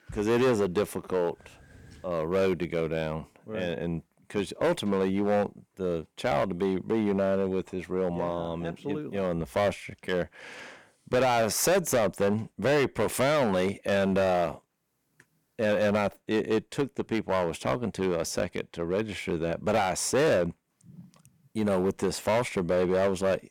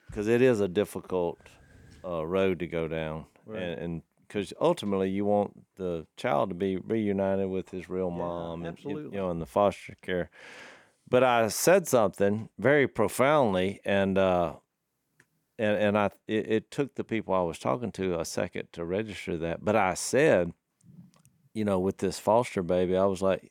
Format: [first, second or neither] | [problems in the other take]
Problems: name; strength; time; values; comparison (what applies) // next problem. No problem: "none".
second | distortion; heavy; 8% of the sound clipped